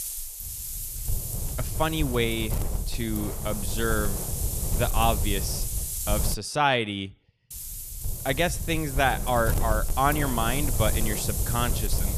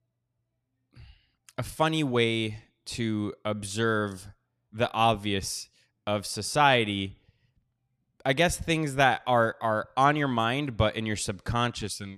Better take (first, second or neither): second